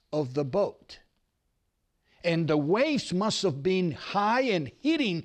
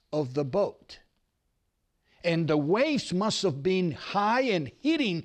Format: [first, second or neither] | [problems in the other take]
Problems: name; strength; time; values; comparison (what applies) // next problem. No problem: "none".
neither | none